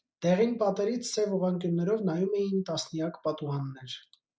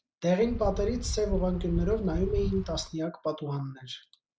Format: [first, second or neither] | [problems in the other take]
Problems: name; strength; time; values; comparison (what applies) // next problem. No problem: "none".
first | background sound (Wind); 3 dB below the speech